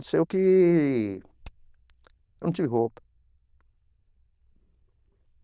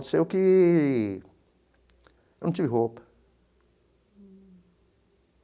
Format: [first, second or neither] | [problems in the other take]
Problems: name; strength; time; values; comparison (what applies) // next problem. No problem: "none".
second | noise reduction (neural diffusion model UNIVERSE++)